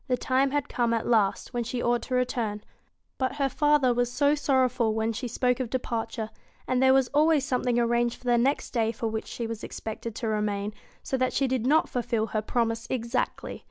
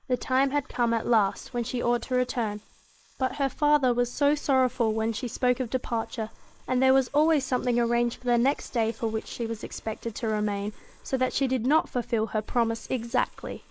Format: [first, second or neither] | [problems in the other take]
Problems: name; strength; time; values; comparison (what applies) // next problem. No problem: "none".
first | noise reduction (neural mask model Resemble Enhance denoiser)